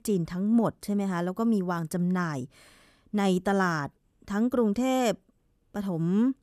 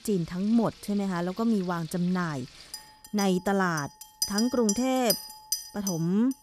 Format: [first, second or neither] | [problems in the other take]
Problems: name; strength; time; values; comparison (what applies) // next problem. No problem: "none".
first | household noises; loud; throughout; 6 dB below the speech